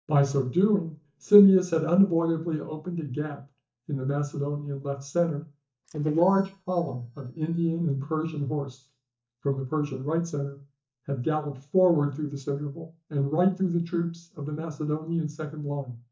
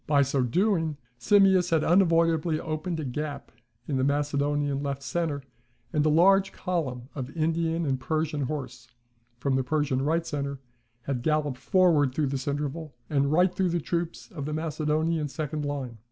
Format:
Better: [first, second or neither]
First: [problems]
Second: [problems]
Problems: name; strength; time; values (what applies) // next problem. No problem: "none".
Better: second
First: noise reduction (neural mask model DeepFilterNet 3)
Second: none